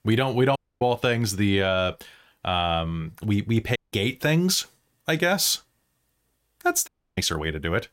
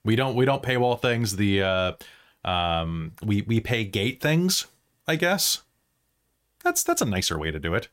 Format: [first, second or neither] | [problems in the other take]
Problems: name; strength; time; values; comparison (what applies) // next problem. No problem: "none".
second | audio cutting out; at 0.5 s, at 4 s and at 7 s